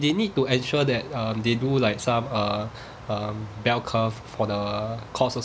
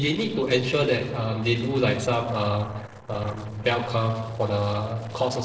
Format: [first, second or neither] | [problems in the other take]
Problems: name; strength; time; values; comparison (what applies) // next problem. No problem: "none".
first | noise reduction (neural separator model SepFormer DNS4)